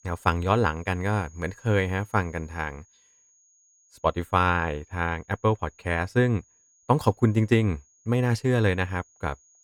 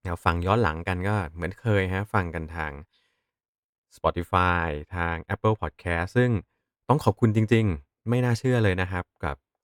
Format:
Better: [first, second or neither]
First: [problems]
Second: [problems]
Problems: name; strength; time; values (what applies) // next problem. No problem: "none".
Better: second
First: high-pitched whine; faint; throughout; 6.5 kHz, 30 dB below the speech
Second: none